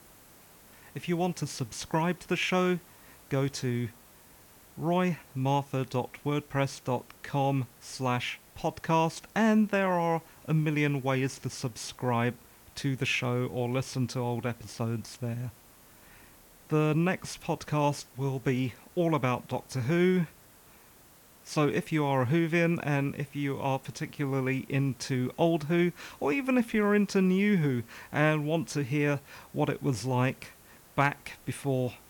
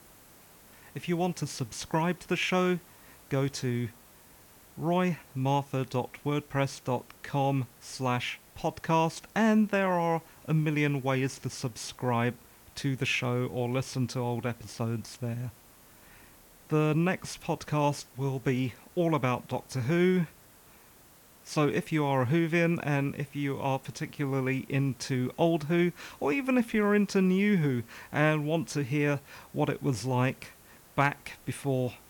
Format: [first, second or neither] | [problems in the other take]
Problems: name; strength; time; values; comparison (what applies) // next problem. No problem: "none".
neither | hiss; faint; throughout; 25 dB below the speech; the same in both